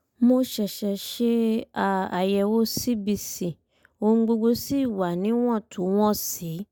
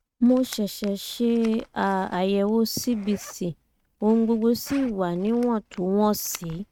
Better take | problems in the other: first | noise reduction (neural mask model RNNoise)

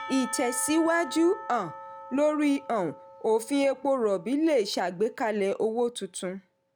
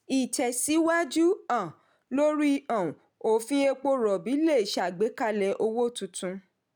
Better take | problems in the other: second | background sound (Church bell / Percussion); 16 dB below the speech

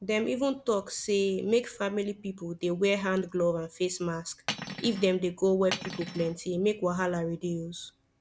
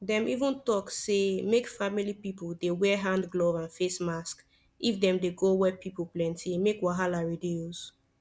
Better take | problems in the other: second | background sound (Cutlery, silverware); 8 dB below the speech

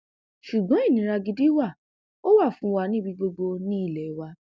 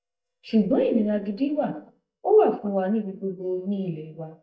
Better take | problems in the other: first | noise reduction (neural mask model DeepFilterNet 3)

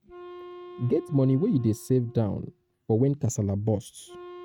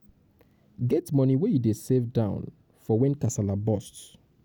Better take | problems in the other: second | noise reduction (neural mask model RNNoise)

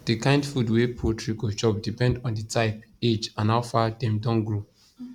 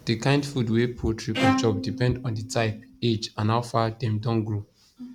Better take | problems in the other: first | background sound (Bowed string instrument); 5 dB below the speech

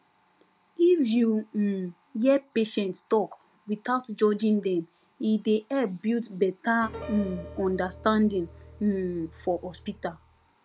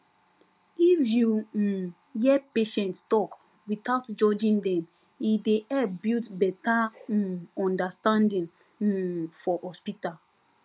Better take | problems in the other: second | background sound (Piano); 16 dB below the speech

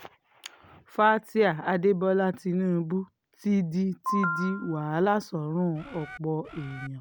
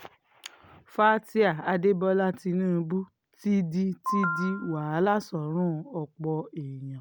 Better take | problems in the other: second | background sound (Bird); 17 dB below the speech

